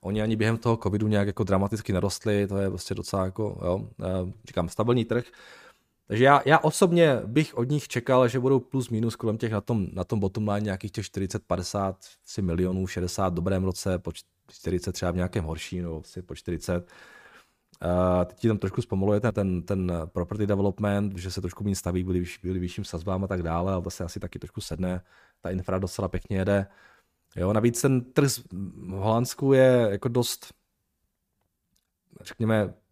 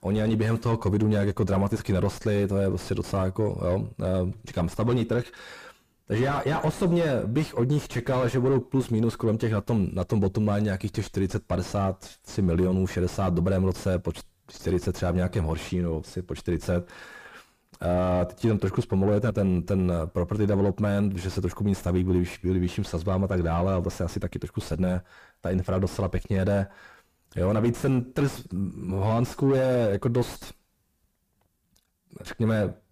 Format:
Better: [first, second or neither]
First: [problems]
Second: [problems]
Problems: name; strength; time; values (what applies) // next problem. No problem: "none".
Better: first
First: none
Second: distortion; heavy; 5 dB below the speech